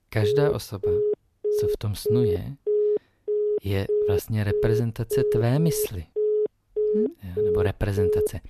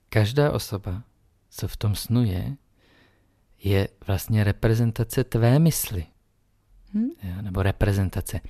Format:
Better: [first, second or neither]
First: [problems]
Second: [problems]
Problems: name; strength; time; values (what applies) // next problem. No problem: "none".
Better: second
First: alarms or sirens; very loud; throughout; 2 dB above the speech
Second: none